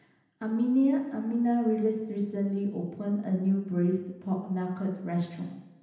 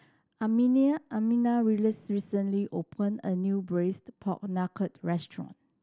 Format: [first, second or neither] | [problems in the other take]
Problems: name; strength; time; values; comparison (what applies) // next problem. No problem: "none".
second | room echo; dies away in 0.9 s